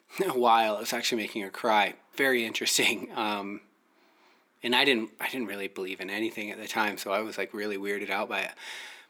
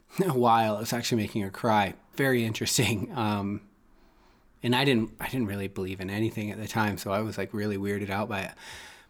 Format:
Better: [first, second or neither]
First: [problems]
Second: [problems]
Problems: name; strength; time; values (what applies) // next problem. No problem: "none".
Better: second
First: thin; somewhat; fading below 300 Hz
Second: none